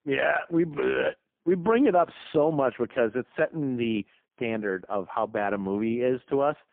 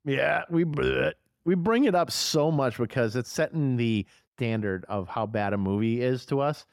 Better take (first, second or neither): second